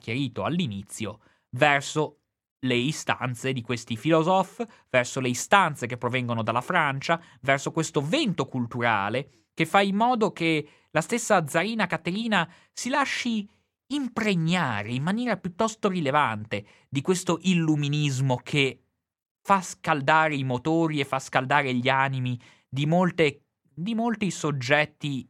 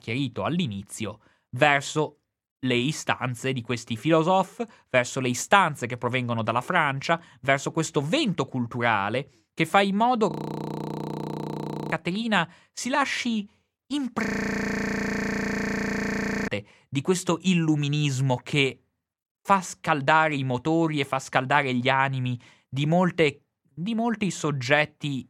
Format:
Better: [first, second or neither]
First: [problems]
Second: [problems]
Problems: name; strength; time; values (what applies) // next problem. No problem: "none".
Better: first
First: none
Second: audio freezing; at 10 s for 1.5 s and at 14 s for 2 s